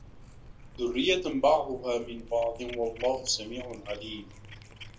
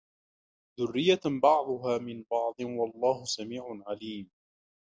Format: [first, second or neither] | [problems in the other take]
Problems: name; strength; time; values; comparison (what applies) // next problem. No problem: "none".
second | background sound (Cat); 15 dB below the speech // room echo; dies away in 0.2 s